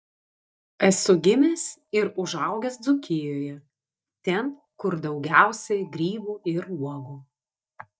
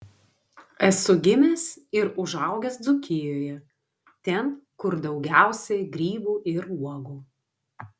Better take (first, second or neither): second